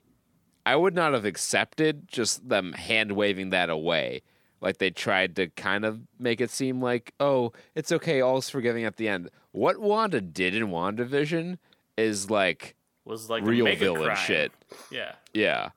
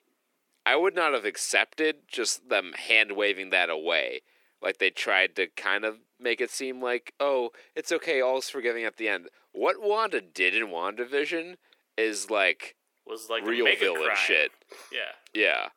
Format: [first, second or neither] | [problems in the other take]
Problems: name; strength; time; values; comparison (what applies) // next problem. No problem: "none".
first | thin; somewhat; fading below 350 Hz